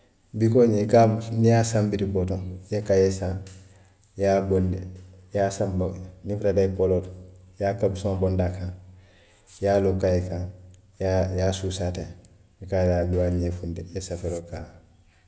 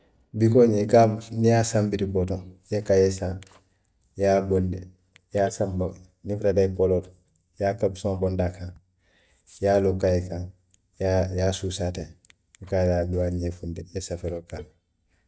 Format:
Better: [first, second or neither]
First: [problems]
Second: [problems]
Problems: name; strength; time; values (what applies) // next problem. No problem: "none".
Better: first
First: none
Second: noise reduction (neural mask model DeepFilterNet 3)